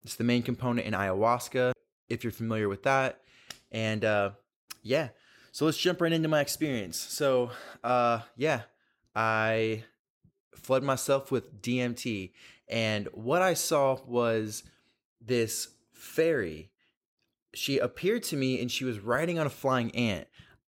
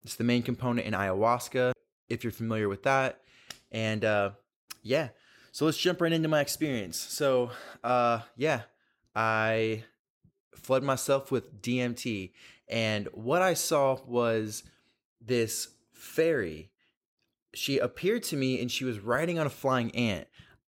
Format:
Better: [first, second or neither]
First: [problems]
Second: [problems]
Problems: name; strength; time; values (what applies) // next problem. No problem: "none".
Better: neither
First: none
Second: none